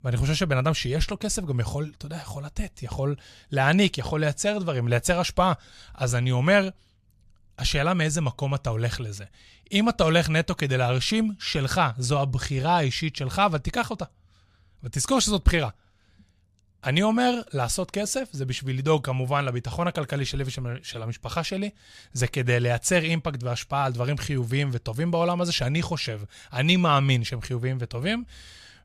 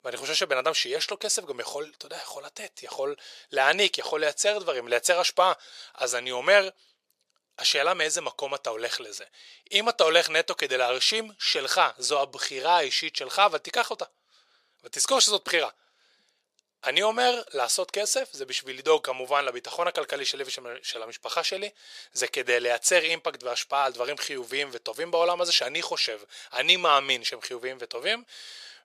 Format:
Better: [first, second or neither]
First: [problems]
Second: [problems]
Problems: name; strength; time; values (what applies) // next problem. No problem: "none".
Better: first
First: none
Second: thin; very; fading below 400 Hz